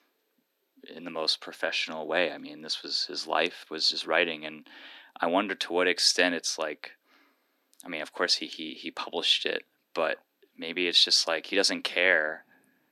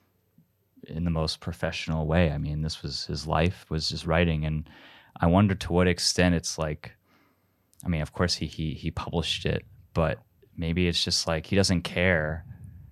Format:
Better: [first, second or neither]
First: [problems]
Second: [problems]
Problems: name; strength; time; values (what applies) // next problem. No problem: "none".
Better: second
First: thin; somewhat; fading below 250 Hz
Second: none